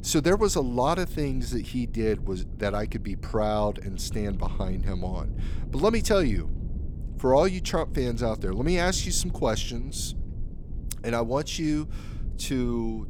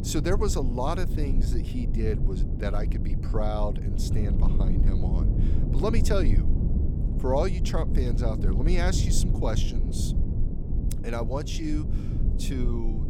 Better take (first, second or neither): first